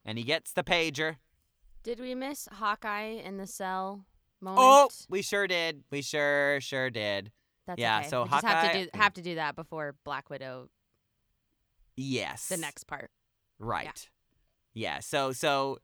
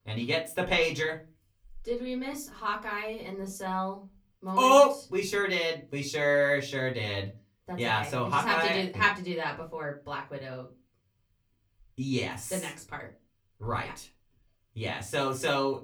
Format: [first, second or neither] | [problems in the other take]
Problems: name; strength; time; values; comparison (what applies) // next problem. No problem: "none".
first | off-mic speech; far // room echo; very slight; dies away in 0.2 s